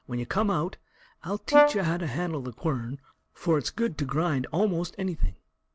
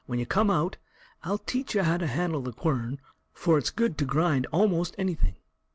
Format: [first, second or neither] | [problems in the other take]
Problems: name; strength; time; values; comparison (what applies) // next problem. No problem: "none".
second | background sound (Brass instrument); as loud as the speech